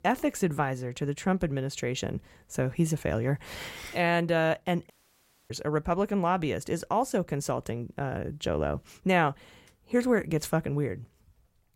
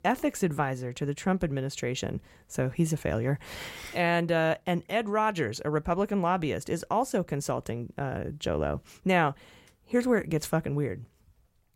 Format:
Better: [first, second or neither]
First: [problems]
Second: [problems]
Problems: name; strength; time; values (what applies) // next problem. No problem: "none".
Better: second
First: audio cutting out; at 5 s for 0.5 s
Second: none